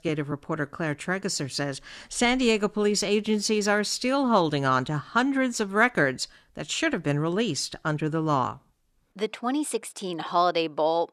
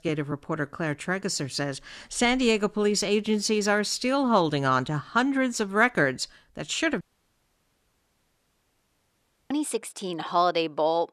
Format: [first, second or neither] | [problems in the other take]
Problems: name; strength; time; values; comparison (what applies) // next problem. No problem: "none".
first | audio cutting out; at 7 s for 2.5 s